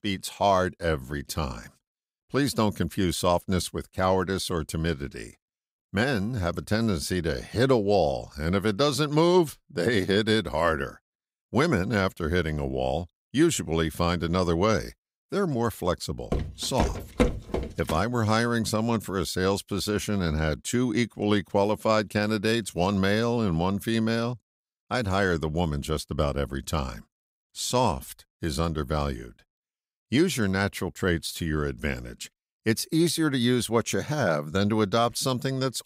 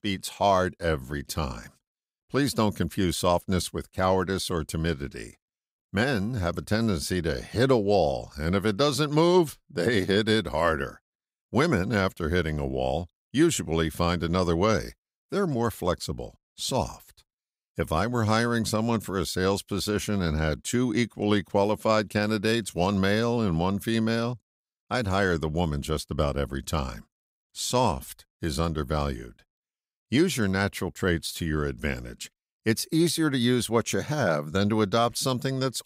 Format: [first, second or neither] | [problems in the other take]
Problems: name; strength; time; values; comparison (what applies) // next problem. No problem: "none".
second | footsteps; noticeable; from 16 to 18 s; peak level with the speech